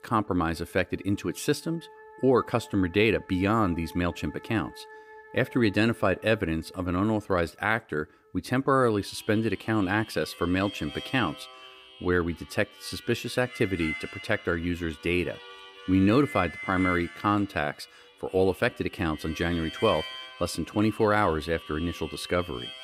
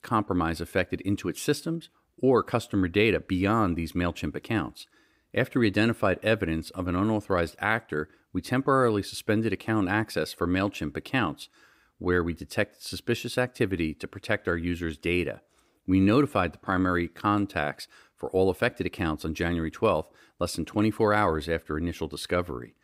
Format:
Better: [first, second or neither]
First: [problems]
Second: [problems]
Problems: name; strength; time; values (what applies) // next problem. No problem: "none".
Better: second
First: background music; noticeable; throughout; 15 dB below the speech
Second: none